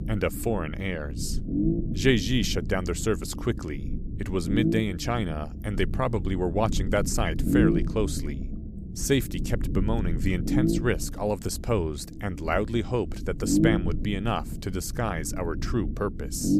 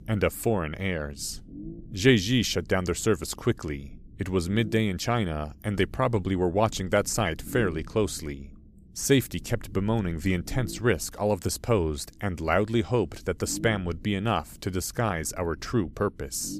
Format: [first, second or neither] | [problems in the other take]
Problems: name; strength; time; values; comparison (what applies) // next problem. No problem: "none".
second | low rumble; loud; throughout; 6 dB below the speech; faint in the second